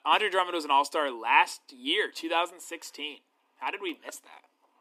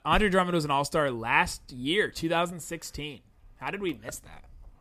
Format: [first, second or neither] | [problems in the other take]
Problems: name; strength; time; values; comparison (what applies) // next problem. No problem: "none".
second | thin; somewhat; fading below 250 Hz